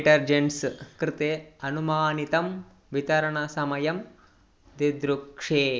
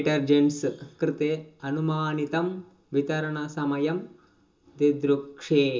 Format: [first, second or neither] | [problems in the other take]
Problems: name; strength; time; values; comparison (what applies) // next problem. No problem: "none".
first | room echo; dies away in 0.2 s